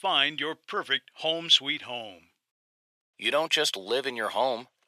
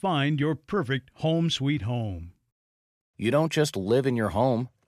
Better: second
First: thin; very; fading below 600 Hz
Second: none

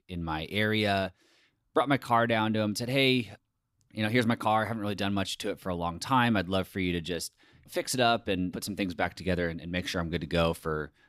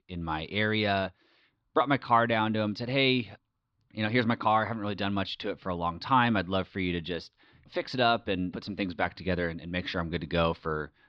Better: first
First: none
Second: muffled; very slightly; fading above 4.5 kHz

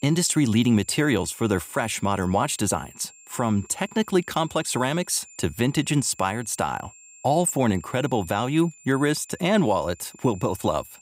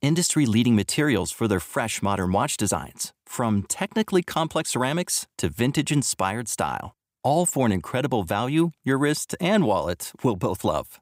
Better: second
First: high-pitched whine; faint; throughout; 7 kHz, 25 dB below the speech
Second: none

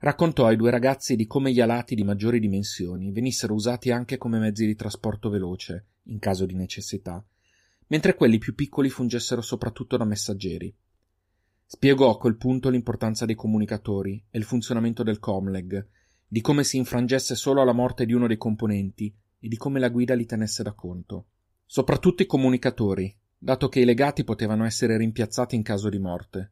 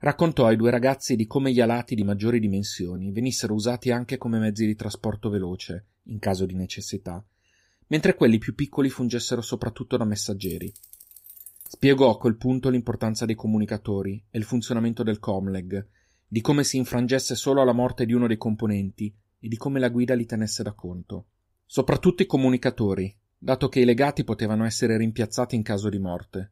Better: first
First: none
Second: jangling keys; faint; from 10 to 12 s; peak 15 dB below the speech

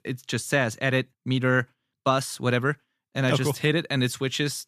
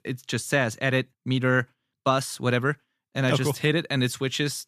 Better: neither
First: none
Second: none

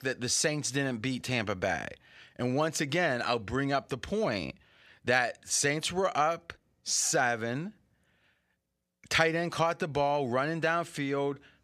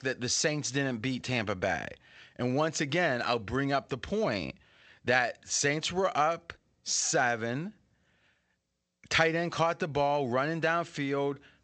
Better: first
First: none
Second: garbled, watery; slightly; nothing above 7.5 kHz

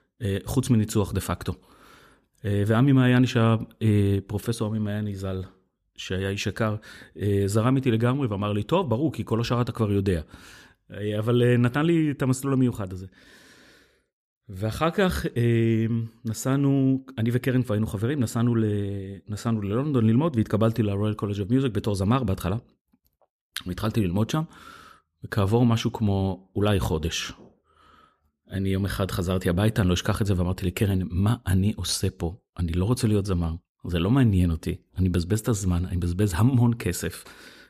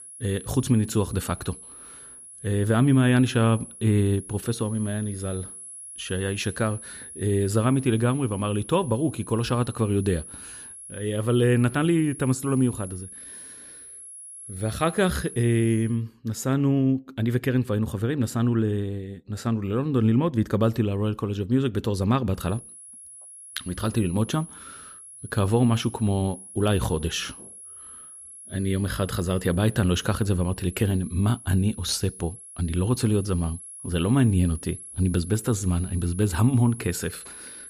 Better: first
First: none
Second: high-pitched whine; noticeable; until 16 s and from 22 s on; 10.5 kHz, 15 dB below the speech

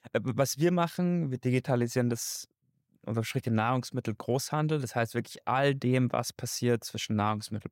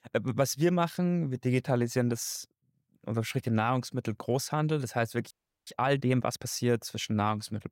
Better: first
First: none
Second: audio freezing; at 5.5 s

